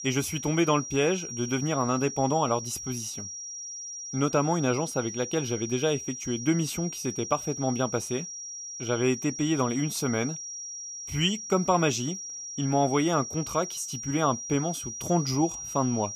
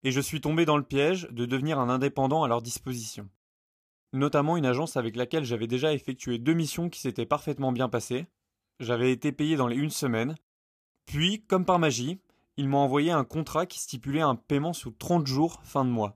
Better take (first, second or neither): second